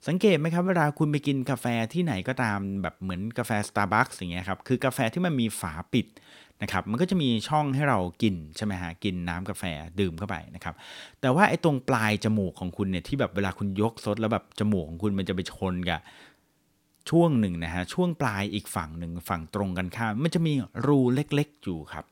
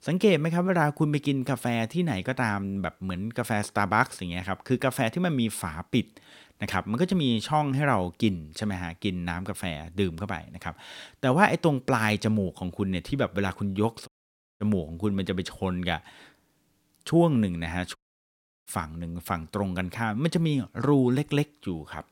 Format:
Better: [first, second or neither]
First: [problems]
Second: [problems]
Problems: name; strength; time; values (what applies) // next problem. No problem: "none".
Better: first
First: none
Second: audio cutting out; at 14 s for 0.5 s and at 18 s for 0.5 s